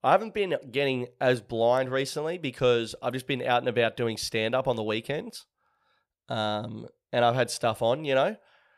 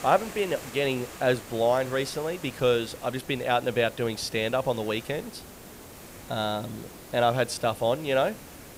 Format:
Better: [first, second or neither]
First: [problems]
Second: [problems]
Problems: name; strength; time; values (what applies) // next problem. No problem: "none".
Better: first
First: none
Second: hiss; noticeable; throughout; 15 dB below the speech